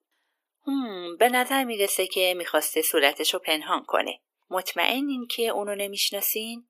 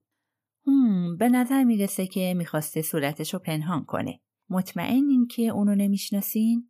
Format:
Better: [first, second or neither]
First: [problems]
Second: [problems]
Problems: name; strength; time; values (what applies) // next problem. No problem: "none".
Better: second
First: thin; very; fading below 350 Hz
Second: none